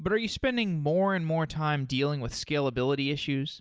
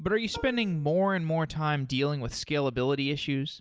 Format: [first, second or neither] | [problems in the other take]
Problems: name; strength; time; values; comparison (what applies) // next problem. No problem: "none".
first | background sound (Plucked string instrument); 20 dB below the speech